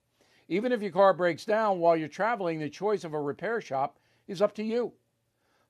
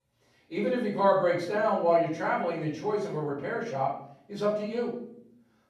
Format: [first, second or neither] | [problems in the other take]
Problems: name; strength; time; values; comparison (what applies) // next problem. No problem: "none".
first | room echo; noticeable; dies away in 0.6 s // off-mic speech; far